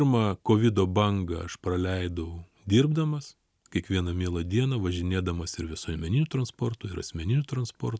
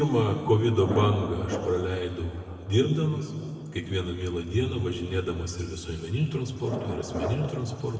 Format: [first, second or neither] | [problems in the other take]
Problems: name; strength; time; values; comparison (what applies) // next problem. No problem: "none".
first | background sound (Thunder); 11 dB below the speech // room echo; dies away in 2 s